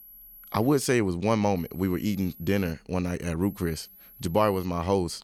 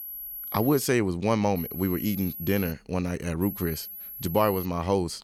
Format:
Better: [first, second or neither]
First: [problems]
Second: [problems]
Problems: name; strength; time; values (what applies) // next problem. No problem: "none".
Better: first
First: high-pitched whine; faint; at the start, from 1.5 to 2.5 s and from 3.5 to 4.5 s; 11.5 kHz, 20 dB below the speech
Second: high-pitched whine; loud; at the start, from 1.5 to 2.5 s and from 3.5 to 4.5 s; 11.5 kHz, 9 dB below the speech